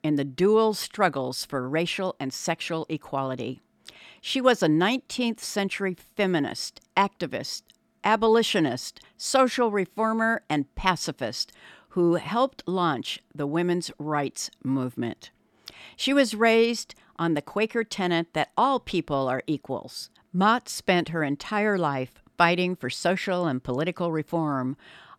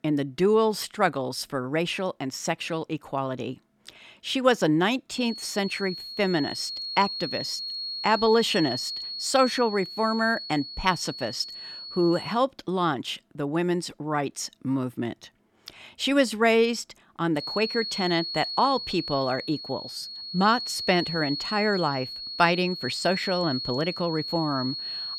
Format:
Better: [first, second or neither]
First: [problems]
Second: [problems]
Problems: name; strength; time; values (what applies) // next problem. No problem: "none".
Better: first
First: none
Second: high-pitched whine; loud; from 5 to 12 s and from 17 s on; 4.5 kHz, 6 dB below the speech